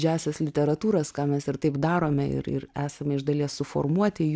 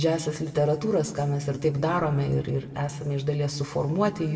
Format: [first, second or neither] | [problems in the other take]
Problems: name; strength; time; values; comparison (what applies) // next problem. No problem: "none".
first | room echo; dies away in 1.6 s